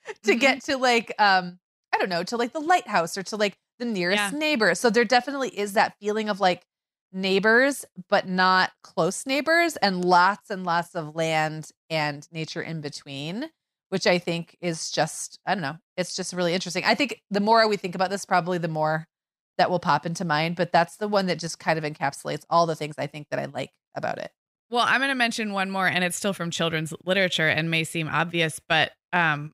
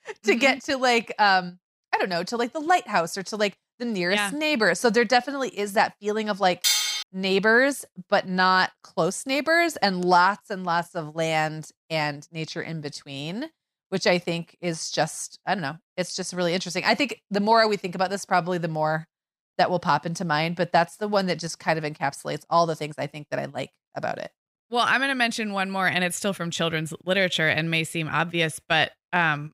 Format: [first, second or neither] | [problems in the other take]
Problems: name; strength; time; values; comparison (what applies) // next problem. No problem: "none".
first | clattering dishes; loud; at 6.5 s; peak 4 dB above the speech